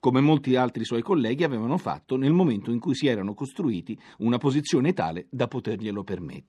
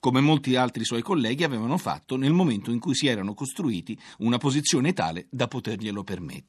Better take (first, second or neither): second